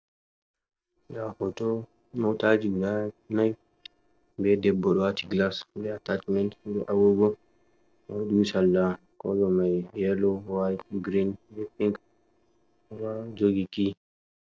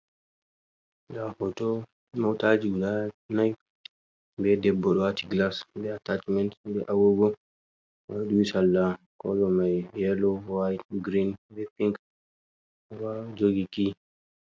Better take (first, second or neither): second